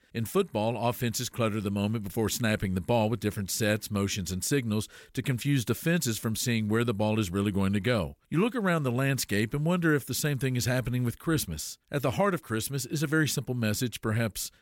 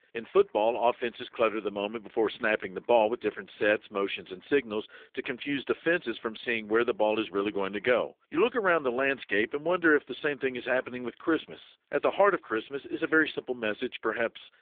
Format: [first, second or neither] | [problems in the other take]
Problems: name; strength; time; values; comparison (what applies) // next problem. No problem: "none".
first | phone-call audio; poor line